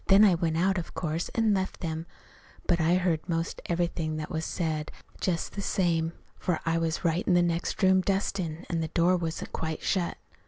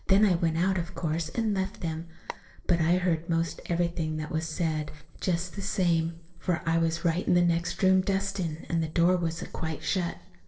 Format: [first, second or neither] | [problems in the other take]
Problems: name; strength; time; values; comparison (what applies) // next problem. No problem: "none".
first | noise reduction (neural separator model SepFormer DNS4)